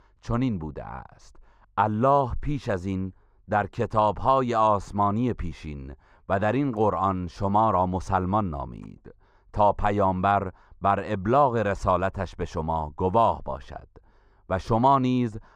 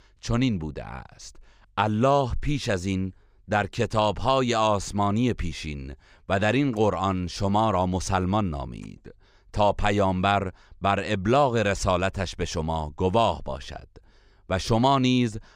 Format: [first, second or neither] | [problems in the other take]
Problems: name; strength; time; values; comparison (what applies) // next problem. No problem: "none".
second | muffled; slightly; fading above 2 kHz